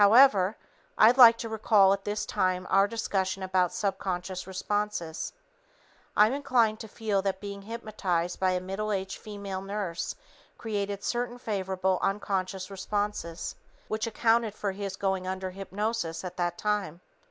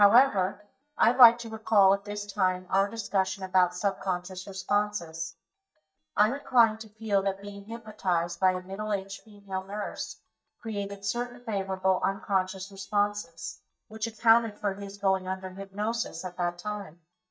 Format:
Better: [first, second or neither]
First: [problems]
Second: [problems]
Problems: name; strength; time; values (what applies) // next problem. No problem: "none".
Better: first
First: none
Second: noise reduction (neural mask model DeepFilterNet 3)